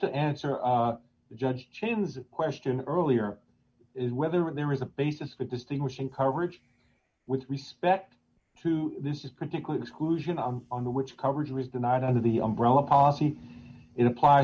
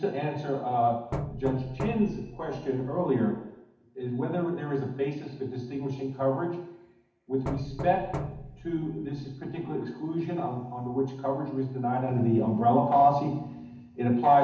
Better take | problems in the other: first | background sound (Knock); 9 dB below the speech // room echo; dies away in 0.8 s

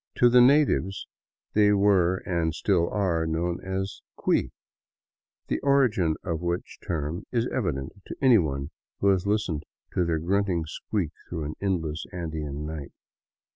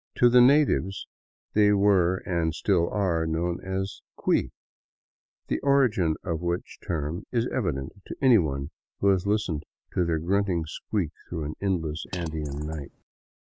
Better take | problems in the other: first | noise reduction (neural mask model Resemble Enhance denoiser)

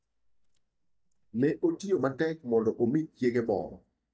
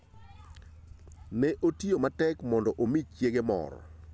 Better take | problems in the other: second | noise reduction (neural mask model DeepFilterNet 3)

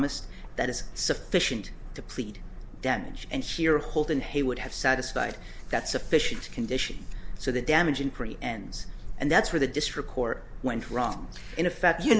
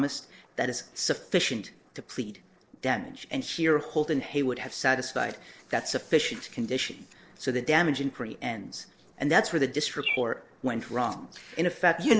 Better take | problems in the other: first | noise reduction (neural separator model SepFormer DNS4)

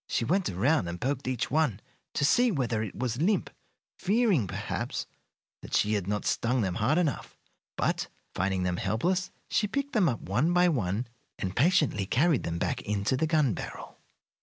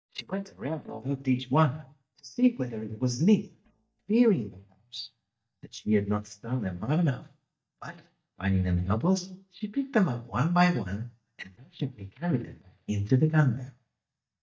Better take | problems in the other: first | noise reduction (neural mask model DeepFilterNet 3)

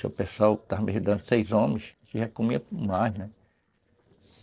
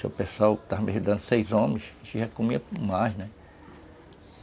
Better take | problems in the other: second | noise reduction (neural separator model SepFormer DNS4)

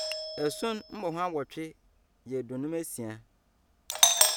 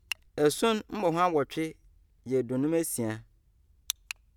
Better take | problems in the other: second | background sound (Doorbell); 4 dB above the speech

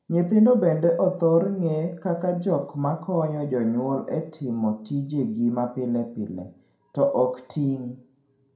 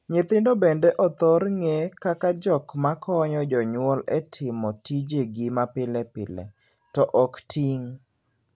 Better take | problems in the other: second | room echo; dies away in 0.4 s

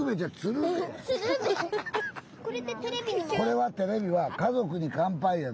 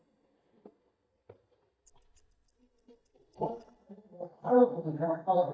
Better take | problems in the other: first | noise reduction (neural mask model DeepFilterNet 3)

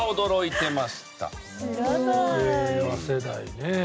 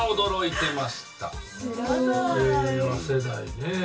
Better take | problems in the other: first | room echo; dies away in 0.2 s

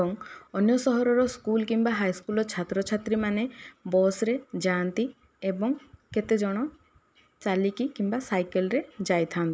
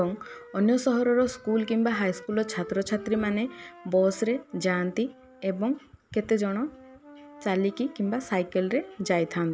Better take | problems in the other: first | background sound (Wind instrument, woodwind instrument); 19 dB below the speech

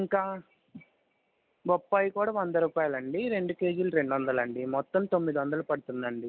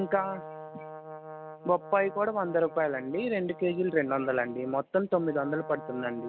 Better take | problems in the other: first | background sound (Brass instrument); 15 dB below the speech

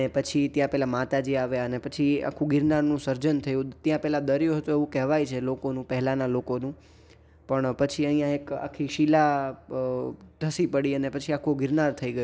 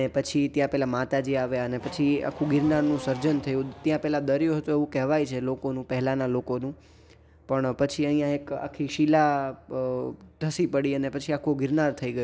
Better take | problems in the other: first | background sound (Race car, auto racing / Accelerating, revving, vroom); 16 dB below the speech

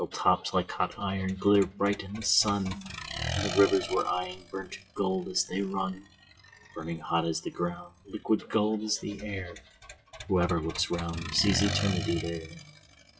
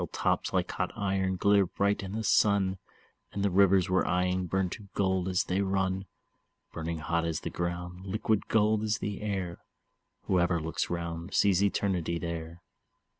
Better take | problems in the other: second | noise reduction (classical method WPE with log-MMSE)

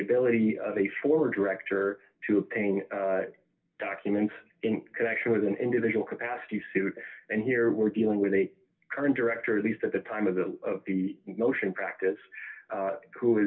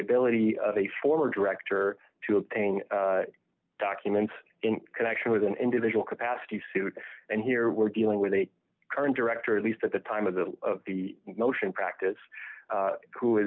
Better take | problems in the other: second | room echo; dies away in 0.1 s

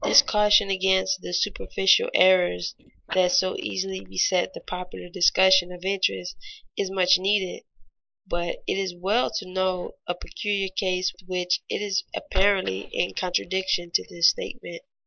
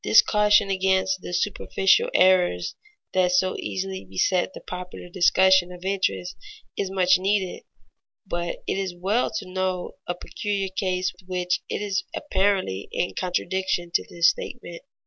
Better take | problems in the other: second | noise reduction (neural mask model Resemble Enhance denoiser)

